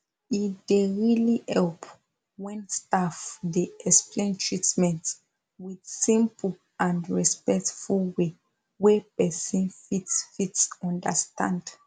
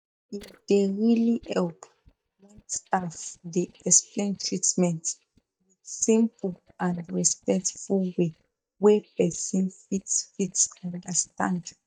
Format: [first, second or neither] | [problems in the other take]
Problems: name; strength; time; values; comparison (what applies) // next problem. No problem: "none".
first | noise reduction (neural mask model DeepFilterNet 3)